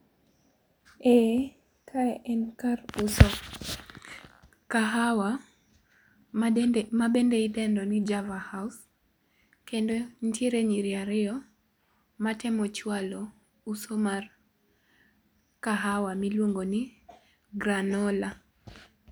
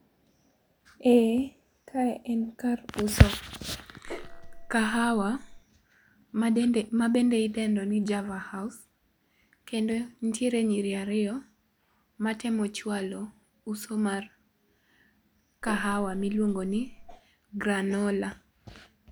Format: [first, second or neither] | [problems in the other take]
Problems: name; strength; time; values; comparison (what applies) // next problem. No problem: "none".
first | background sound (Gong); 12 dB below the speech